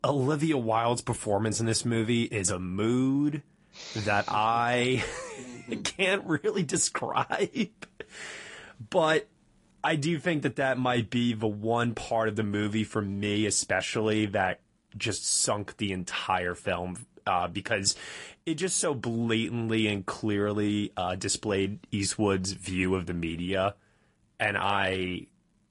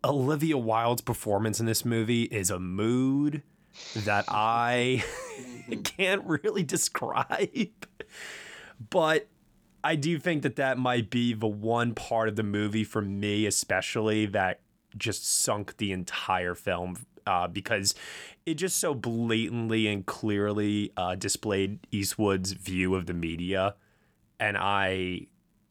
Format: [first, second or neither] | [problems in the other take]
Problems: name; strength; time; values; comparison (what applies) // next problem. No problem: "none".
second | garbled, watery; slightly; nothing above 11 kHz